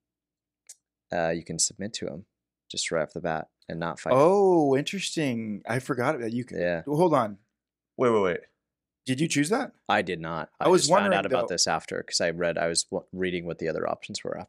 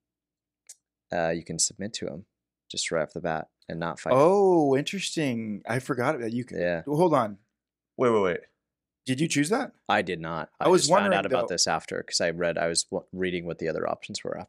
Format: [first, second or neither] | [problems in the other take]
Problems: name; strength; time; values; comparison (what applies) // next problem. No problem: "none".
neither | none